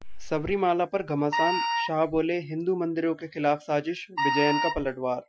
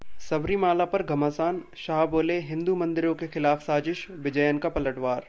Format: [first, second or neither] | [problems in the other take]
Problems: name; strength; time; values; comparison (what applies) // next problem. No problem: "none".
second | noise reduction (classical method Wiener filter)